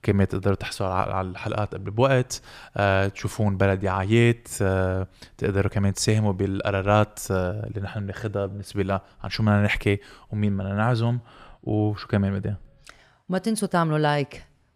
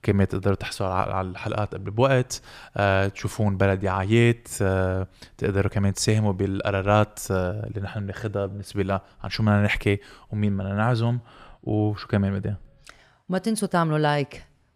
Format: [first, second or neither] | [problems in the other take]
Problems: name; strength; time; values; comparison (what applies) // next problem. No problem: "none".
neither | none